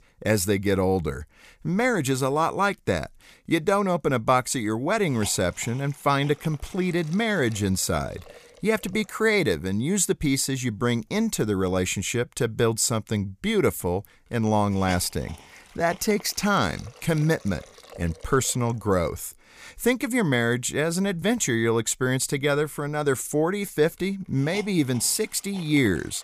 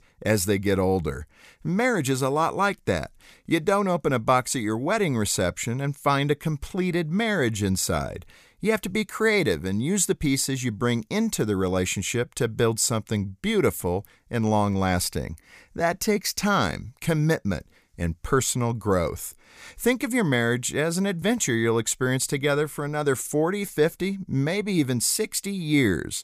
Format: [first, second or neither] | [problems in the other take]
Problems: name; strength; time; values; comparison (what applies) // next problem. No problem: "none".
second | hiss; faint; throughout; 20 dB below the speech